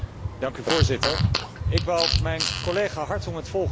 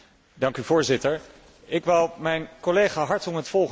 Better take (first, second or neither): second